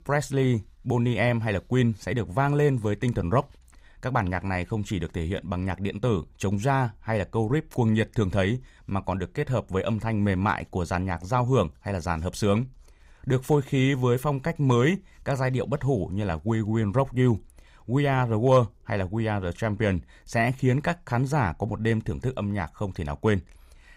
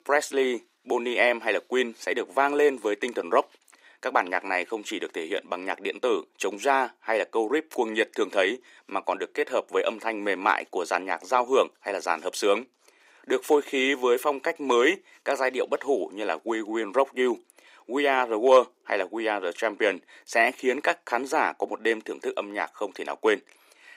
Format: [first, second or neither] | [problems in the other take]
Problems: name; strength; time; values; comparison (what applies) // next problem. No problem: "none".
first | thin; very; fading below 300 Hz